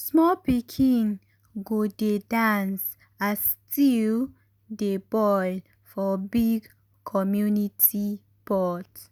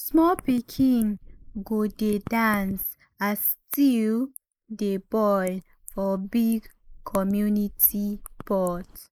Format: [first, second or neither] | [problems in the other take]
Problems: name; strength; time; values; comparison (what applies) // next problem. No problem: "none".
first | noise reduction (neural mask model Resemble Enhance denoiser)